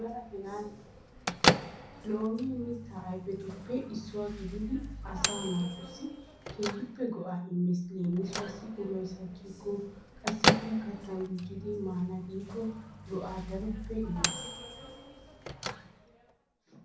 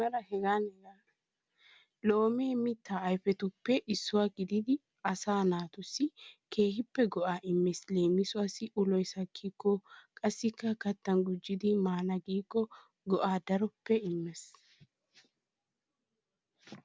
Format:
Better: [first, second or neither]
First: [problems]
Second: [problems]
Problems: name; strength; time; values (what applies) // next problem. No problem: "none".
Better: second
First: background sound (Microwave oven / Bell); as loud as the speech // room echo; dies away in 0.6 s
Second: none